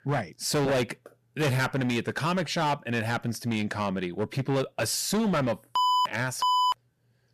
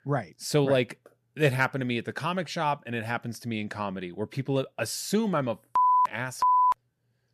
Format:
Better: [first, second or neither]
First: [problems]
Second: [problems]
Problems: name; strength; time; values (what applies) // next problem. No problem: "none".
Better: second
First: distortion; heavy; 19% of the sound clipped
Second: none